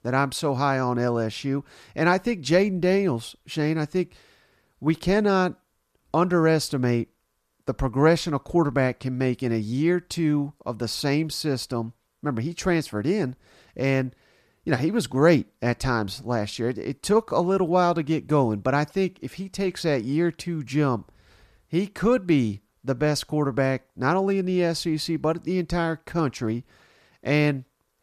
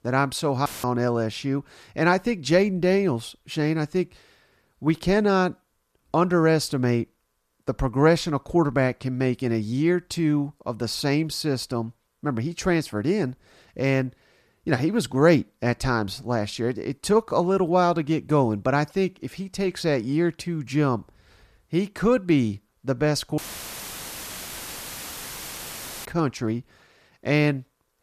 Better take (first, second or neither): first